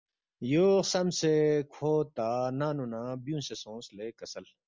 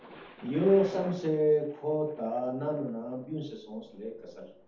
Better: first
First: none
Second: background sound (Thunder); 19 dB below the speech // room echo; dies away in 0.6 s

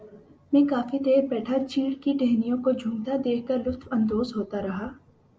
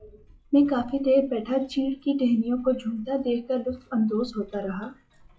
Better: first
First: none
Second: noise reduction (classical method log-MMSE)

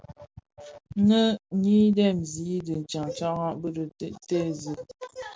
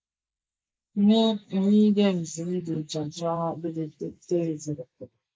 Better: first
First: none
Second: noise reduction (neural mask model Resemble Enhance denoiser)

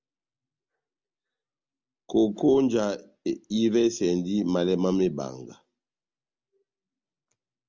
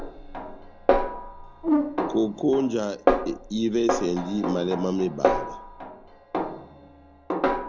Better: first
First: none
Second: background sound (Brass instrument + Snare drum); 1 dB above the speech

